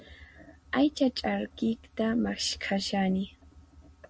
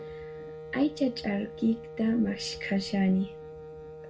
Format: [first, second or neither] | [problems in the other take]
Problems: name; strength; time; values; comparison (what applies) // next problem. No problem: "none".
first | background sound (Wind instrument, woodwind instrument); 13 dB below the speech // room echo; dies away in 0.2 s